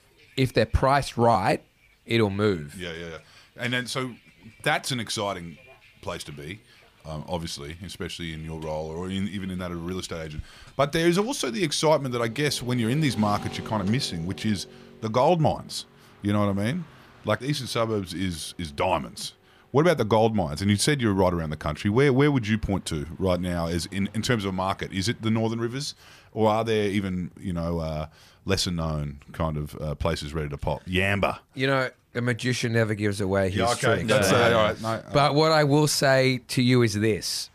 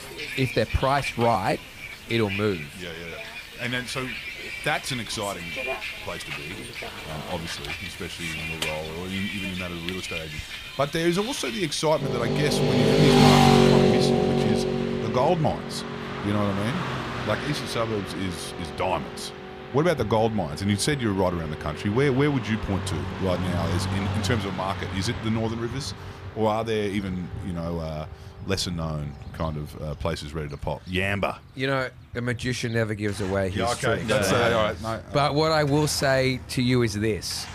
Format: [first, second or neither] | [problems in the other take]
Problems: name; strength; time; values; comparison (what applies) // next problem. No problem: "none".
first | traffic noise; loud; throughout; 1 dB below the speech; faint in the first